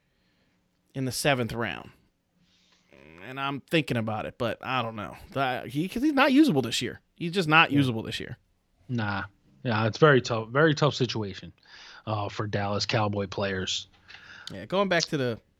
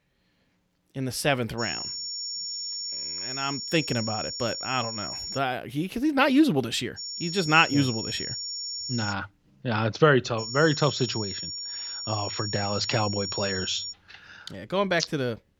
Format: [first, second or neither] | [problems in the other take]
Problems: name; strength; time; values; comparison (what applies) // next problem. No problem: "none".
first | high-pitched whine; loud; from 1.5 to 5.5 s, from 7 to 9 s and from 10 to 14 s; 5.5 kHz, 5 dB below the speech